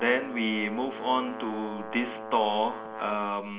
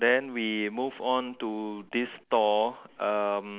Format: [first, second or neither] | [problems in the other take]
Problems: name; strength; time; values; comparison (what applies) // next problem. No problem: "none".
second | background sound (Brass instrument); 10 dB below the speech // room echo; dies away in 1.3 s